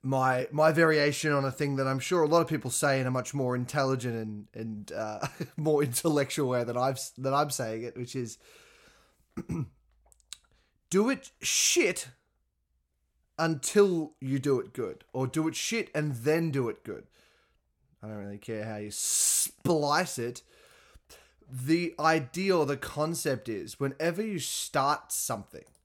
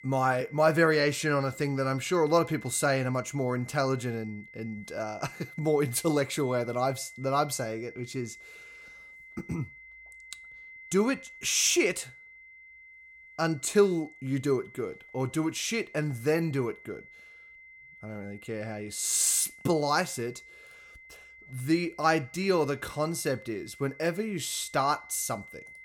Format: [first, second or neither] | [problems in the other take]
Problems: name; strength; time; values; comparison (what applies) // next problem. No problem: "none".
first | high-pitched whine; noticeable; throughout; 2 kHz, 20 dB below the speech